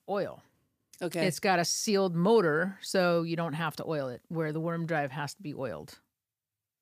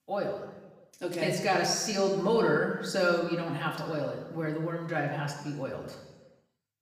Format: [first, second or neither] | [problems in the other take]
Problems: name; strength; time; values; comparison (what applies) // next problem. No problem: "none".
first | room echo; noticeable; dies away in 1 s // off-mic speech; somewhat distant